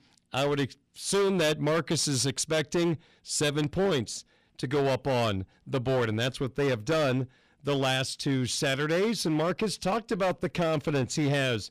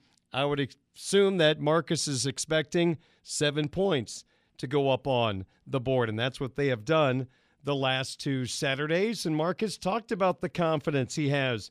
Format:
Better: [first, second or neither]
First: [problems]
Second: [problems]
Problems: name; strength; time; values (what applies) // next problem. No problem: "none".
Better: second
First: distortion; heavy; 14% of the sound clipped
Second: none